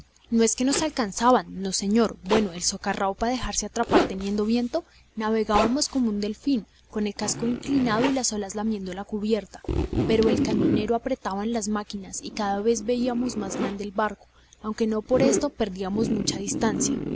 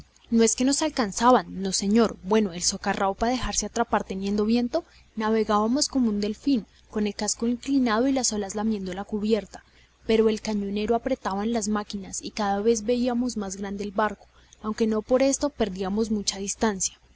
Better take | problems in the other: second | background sound (Zipper (clothing)); 6 dB below the speech

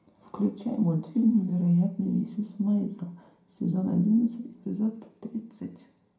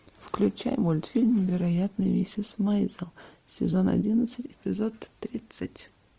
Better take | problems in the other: second | room echo; dies away in 0.4 s

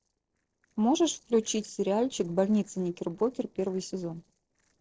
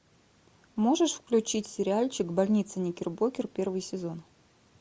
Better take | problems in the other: second | noise reduction (neural separator model SepFormer DNS4)

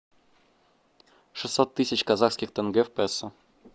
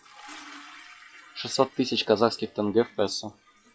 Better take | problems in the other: first | noise reduction (classical method WPE with log-MMSE)

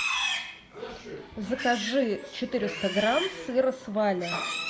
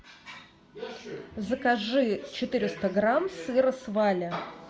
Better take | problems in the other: second | background sound (Livestock, farm animals, working animals); 6 dB below the speech

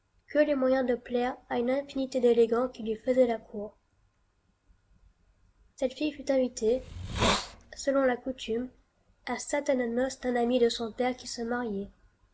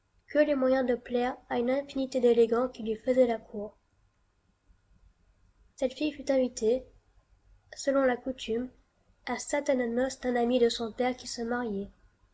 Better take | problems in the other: second | background sound (Hiss); 2 dB below the speech

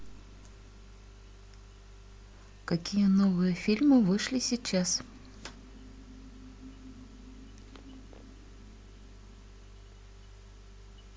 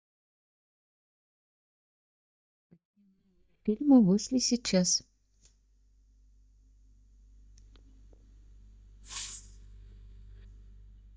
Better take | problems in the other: first | noise reduction (neural mask model DeepFilterNet 3)

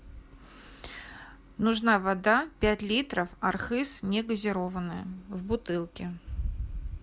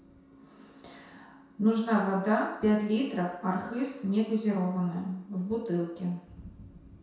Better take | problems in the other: first | room echo; dies away in 0.7 s

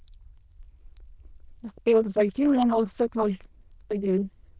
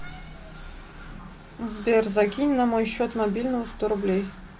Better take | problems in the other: second | noise reduction (neural diffusion model UNIVERSE++)

